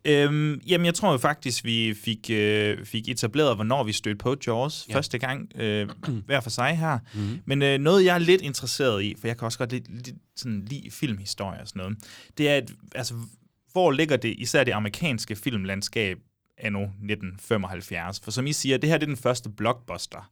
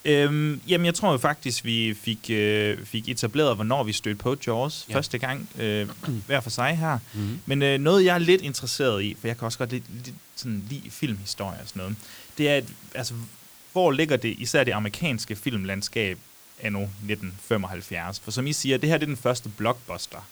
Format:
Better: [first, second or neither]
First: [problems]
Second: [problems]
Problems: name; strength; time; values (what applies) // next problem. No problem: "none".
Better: first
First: none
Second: hiss; faint; throughout; 20 dB below the speech